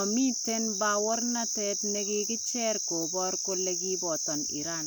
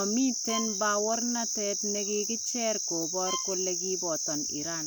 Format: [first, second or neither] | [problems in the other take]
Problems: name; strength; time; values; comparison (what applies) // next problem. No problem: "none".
first | background sound (Bowed string instrument); 14 dB below the speech